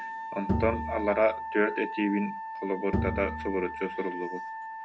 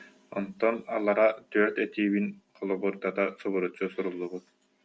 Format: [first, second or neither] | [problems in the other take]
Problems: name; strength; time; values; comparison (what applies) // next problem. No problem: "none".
second | background sound (Wind instrument, woodwind instrument + Bowed string instrument); 4 dB below the speech